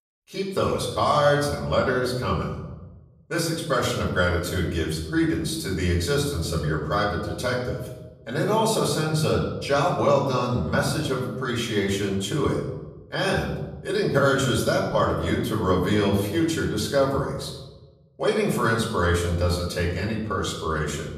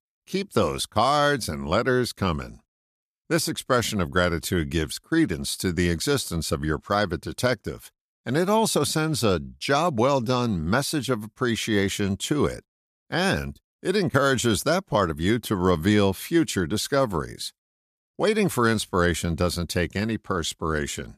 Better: second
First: off-mic speech; far // room echo; noticeable; dies away in 1 s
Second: none

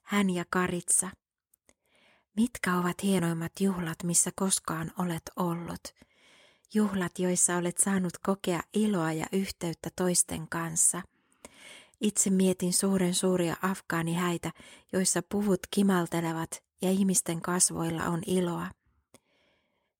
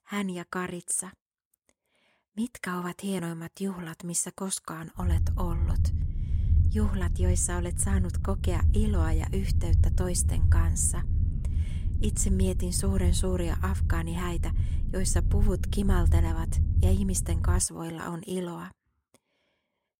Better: first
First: none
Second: low rumble; loud; from 5 to 18 s; 10 dB below the speech

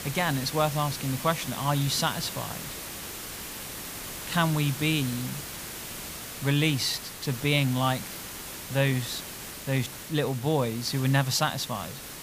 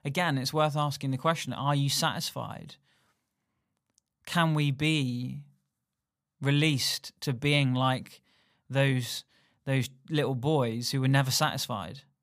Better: second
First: hiss; loud; throughout; 9 dB below the speech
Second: none

